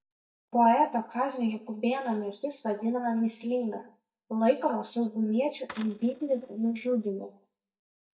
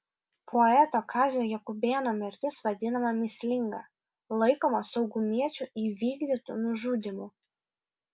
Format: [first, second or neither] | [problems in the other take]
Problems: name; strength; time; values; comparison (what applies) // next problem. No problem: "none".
second | noise reduction (neural mask model DeepFilterNet 3)